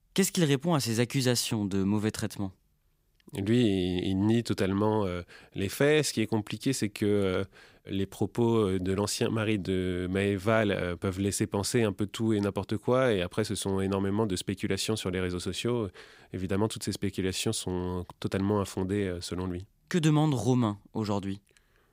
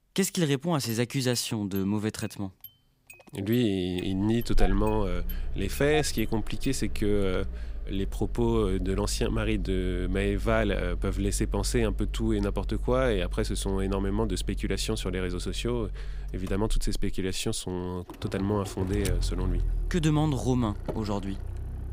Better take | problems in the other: first | traffic noise; loud; throughout; 7 dB below the speech

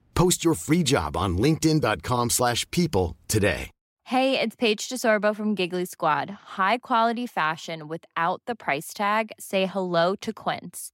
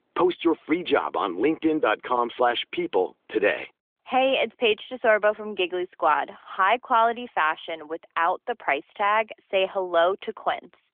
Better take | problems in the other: first | phone-call audio; nothing above 3.5 kHz

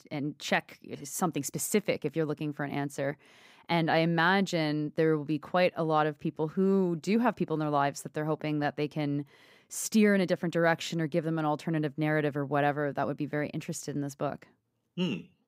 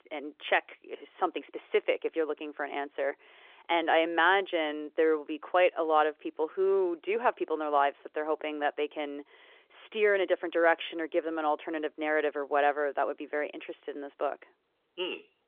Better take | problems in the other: first | phone-call audio; nothing above 3.5 kHz

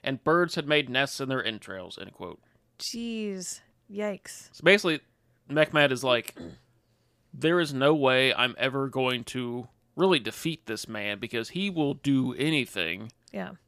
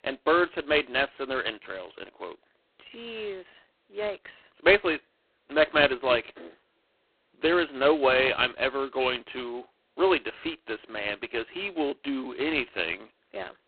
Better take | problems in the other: first | phone-call audio; poor line; nothing above 4 kHz

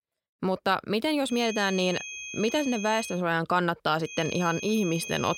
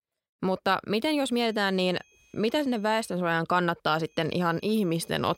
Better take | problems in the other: second | high-pitched whine; loud; from 1.5 to 3 s and from 4 s on; 2.5 kHz, 9 dB below the speech; faint in the second

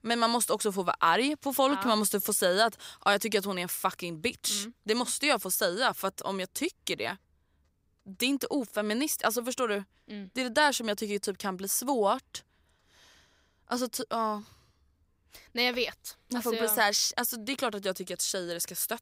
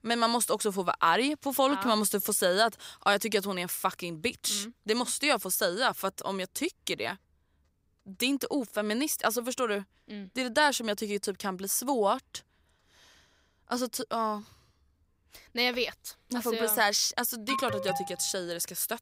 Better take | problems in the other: first | alarm; noticeable; at 17 s; peak 4 dB below the speech

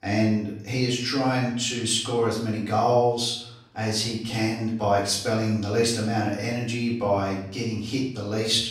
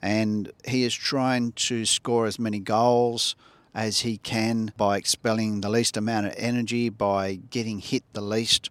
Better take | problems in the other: second | off-mic speech; far // room echo; noticeable; dies away in 0.6 s

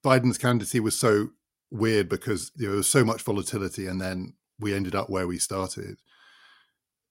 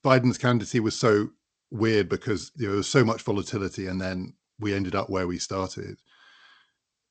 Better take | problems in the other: first | garbled, watery; slightly; nothing above 8 kHz

